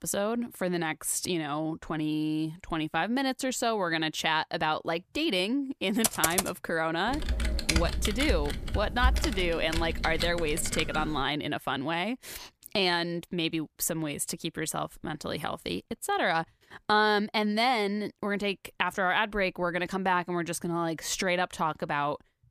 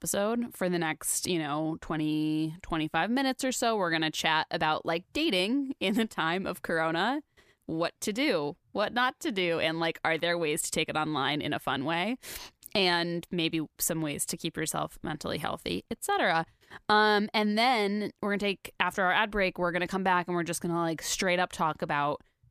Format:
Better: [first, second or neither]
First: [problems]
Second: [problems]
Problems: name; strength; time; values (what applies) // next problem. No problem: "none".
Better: second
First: keyboard typing; loud; at 6 s and from 7 to 11 s; peak 3 dB above the speech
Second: none